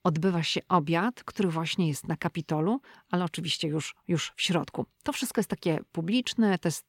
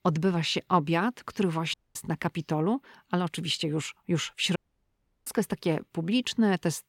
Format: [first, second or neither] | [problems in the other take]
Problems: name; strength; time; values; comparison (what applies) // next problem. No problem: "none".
first | audio cutting out; at 1.5 s and at 4.5 s for 0.5 s